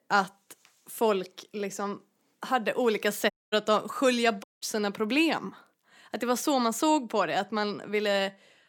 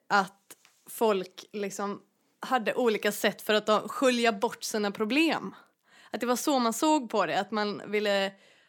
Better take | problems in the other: second | audio cutting out; at 3.5 s and at 4.5 s

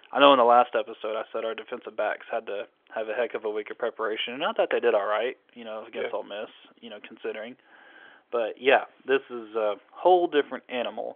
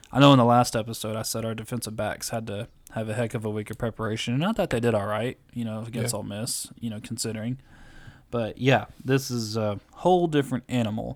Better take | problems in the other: second | phone-call audio; nothing above 3.5 kHz

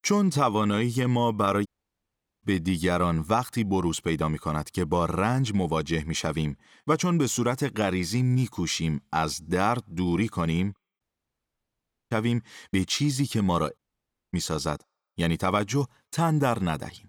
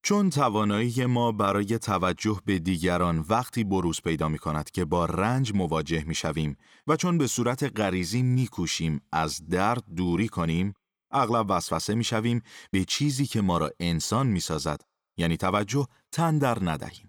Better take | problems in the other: second | audio cutting out; at 1.5 s for 1 s, at 11 s for 1 s and at 14 s for 0.5 s

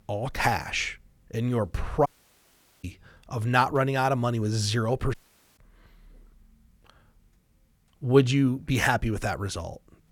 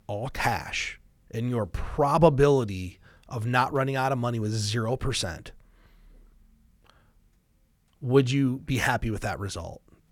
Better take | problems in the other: second | audio cutting out; at 2 s for 1 s and at 5 s

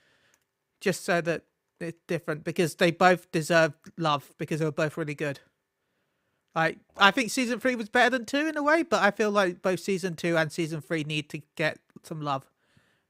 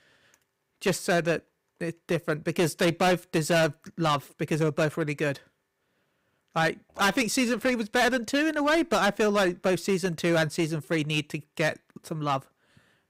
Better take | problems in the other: first | distortion; heavy; 8% of the sound clipped

